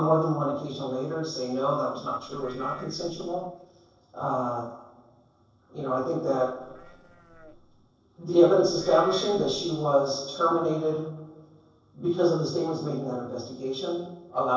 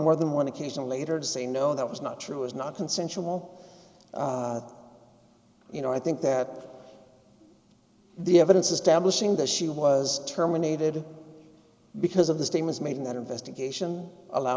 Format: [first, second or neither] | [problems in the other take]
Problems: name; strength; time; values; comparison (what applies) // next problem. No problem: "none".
second | noise reduction (neural separator model SepFormer DNS4)